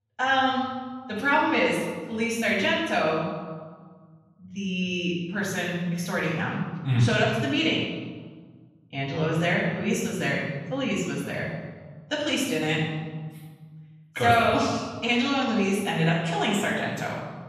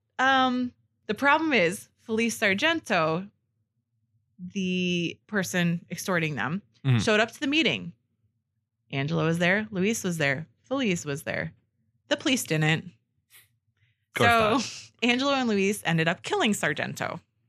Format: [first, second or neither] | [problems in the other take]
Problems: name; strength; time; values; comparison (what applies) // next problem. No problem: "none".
second | off-mic speech; far // room echo; noticeable; dies away in 1.3 s